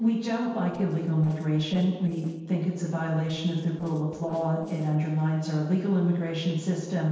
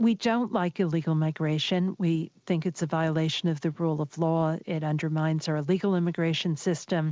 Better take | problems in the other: second | noise reduction (neural separator model SepFormer DNS4)

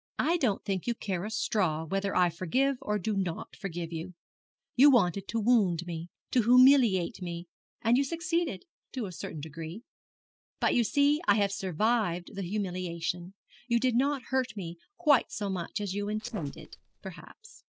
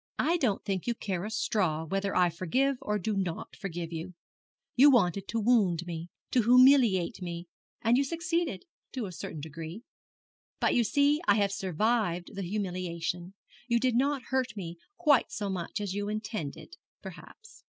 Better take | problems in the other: second | noise reduction (neural separator model SepFormer DNS4)

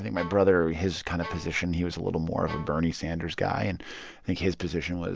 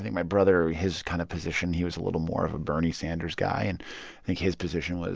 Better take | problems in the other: second | background sound (Bowed string instrument); 16 dB below the speech

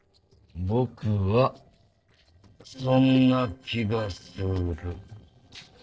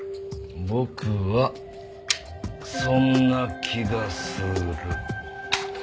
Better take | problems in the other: second | noise reduction (neural separator model SepFormer DNS4)

